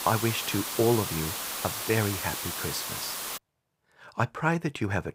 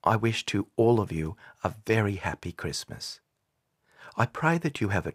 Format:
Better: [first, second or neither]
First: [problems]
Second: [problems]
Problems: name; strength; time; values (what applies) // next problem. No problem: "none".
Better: second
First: hiss; loud; until 3.5 s; 2 dB below the speech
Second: none